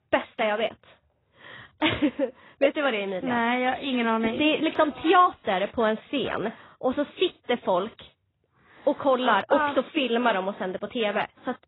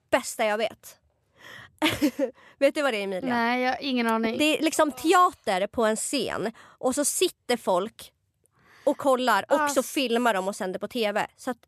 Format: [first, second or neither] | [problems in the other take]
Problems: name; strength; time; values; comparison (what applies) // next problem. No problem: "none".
second | garbled, watery; badly; nothing above 4 kHz